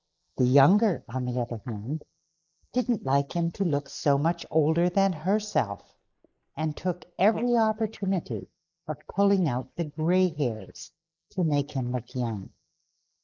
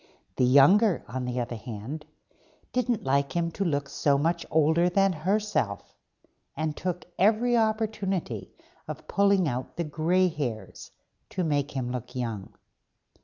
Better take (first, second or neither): second